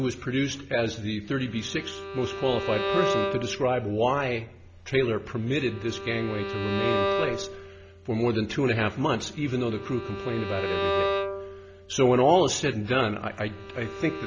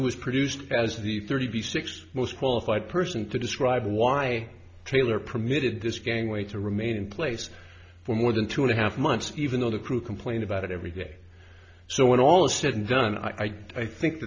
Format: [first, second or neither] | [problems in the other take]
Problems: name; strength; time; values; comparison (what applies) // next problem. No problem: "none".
second | background sound (Bowed string instrument); 6 dB below the speech